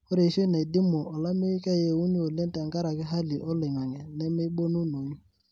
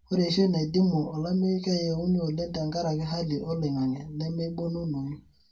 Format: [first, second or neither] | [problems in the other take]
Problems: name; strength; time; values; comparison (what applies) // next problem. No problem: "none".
first | room echo; dies away in 0.2 s